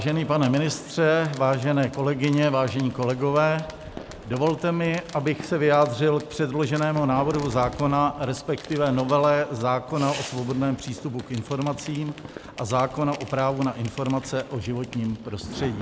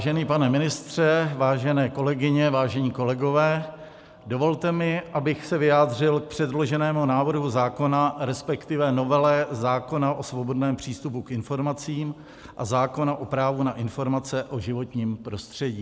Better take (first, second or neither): second